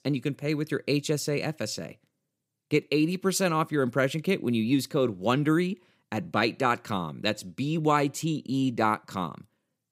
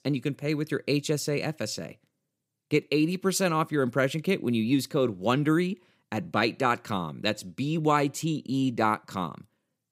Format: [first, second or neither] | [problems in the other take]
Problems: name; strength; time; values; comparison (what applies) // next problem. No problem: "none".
neither | none